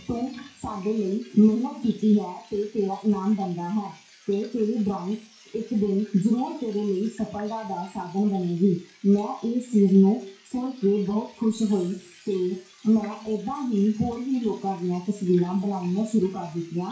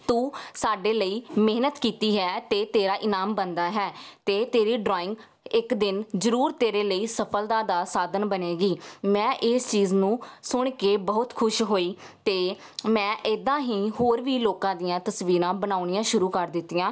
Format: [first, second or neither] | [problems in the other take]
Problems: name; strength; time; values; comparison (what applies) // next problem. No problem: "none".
second | noise reduction (classical method WPE with log-MMSE)